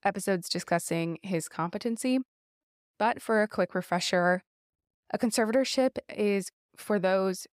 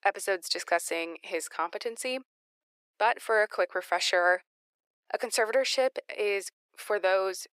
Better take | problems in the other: first | thin; very; fading below 400 Hz

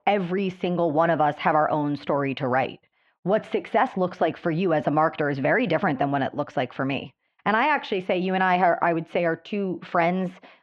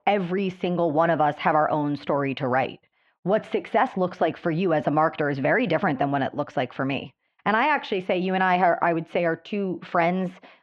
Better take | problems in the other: neither | muffled; very; fading above 2.5 kHz; the same in both

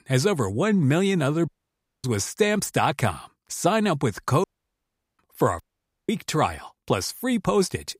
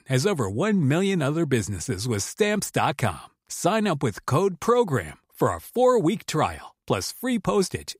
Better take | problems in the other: second | audio cutting out; at 1.5 s for 0.5 s, at 4.5 s for 1 s and at 5.5 s

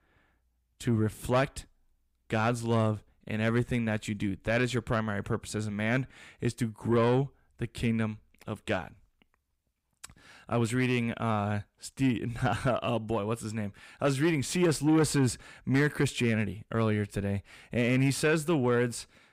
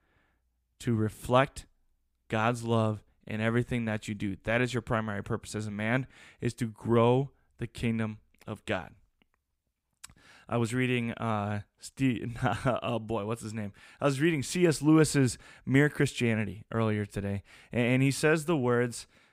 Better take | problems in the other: second | distortion; slight; 10 dB below the speech

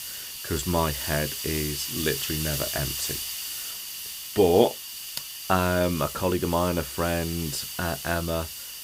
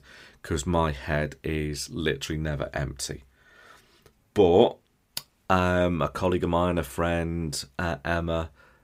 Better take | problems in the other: second | hiss; loud; throughout; 5 dB below the speech

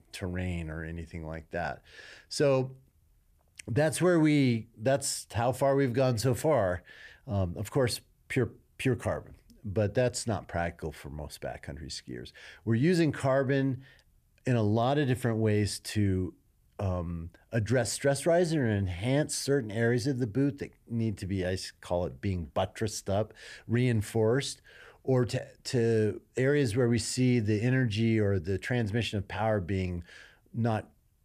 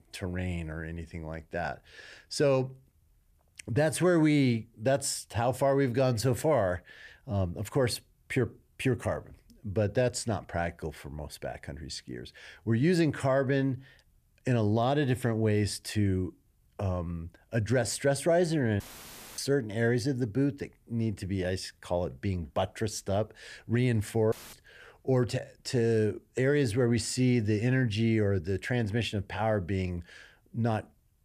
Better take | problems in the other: first | audio cutting out; filled with static; at 19 s for 0.5 s and at 24 s

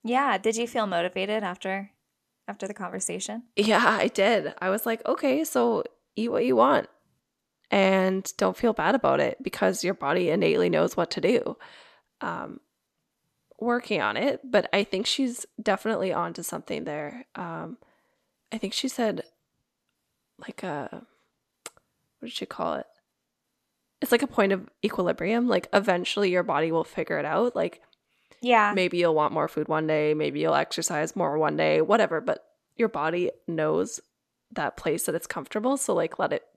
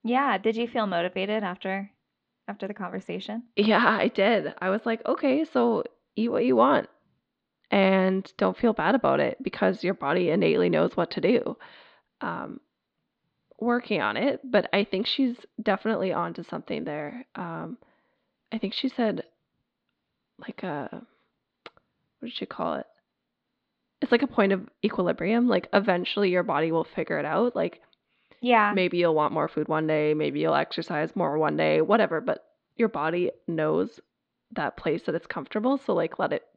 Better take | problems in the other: first | muffled; very slightly; fading above 4 kHz

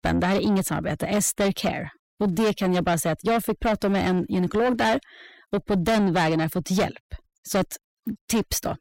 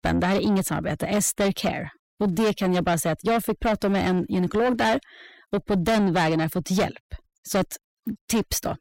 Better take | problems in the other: neither | distortion; heavy; 7 dB below the speech; the same in both

